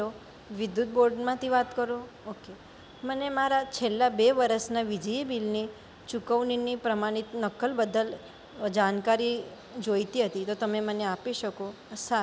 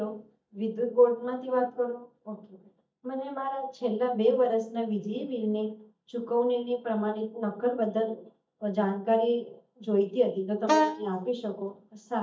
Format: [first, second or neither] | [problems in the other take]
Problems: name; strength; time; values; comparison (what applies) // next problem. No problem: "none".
first | noise reduction (neural mask model DeepFilterNet 3)